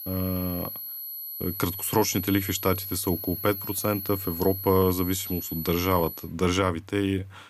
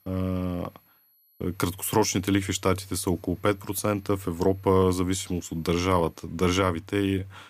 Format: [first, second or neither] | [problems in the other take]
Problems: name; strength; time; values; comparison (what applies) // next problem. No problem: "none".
second | high-pitched whine; loud; until 6 s; 12 kHz, 6 dB below the speech; faint in the second